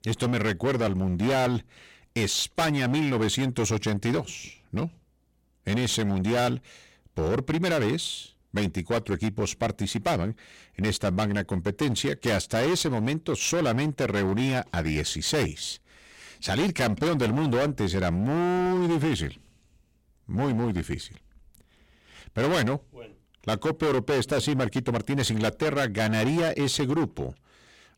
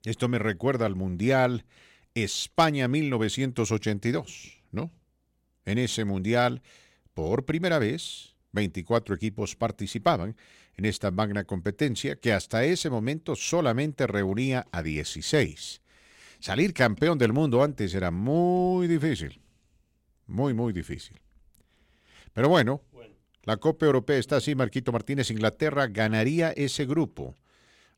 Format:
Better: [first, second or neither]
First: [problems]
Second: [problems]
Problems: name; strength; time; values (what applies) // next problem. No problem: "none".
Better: second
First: distortion; heavy; 17% of the sound clipped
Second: none